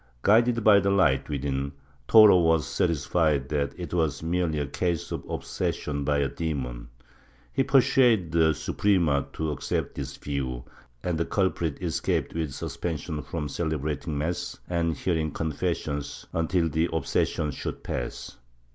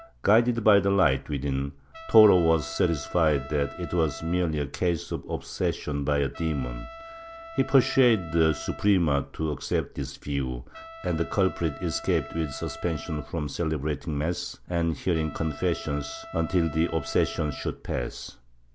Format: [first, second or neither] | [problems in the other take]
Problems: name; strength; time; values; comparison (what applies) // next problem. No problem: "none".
first | background sound (Trumpet); 18 dB below the speech